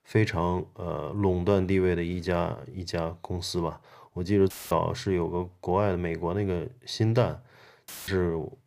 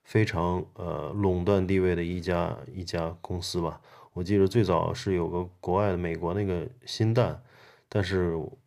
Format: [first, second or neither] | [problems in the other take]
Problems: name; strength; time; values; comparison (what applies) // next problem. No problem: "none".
second | audio cutting out; filled with static; at 4.5 s and at 8 s